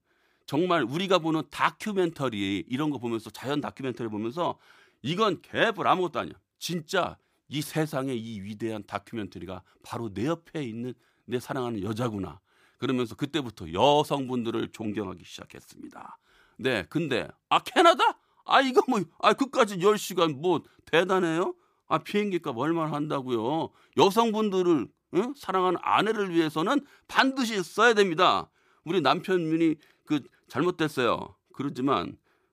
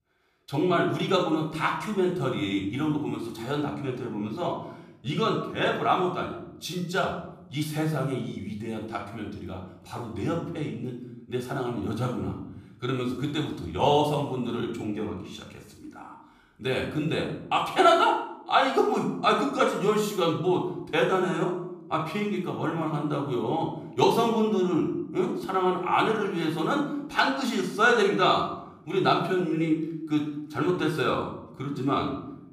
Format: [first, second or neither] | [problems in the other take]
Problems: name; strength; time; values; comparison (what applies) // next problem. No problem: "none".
first | off-mic speech; somewhat distant // room echo; noticeable; dies away in 0.7 s